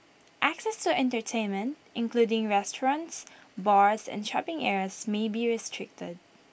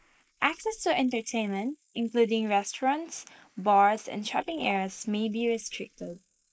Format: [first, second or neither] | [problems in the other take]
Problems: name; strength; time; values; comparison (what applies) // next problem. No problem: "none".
first | noise reduction (neural mask model Resemble Enhance denoiser)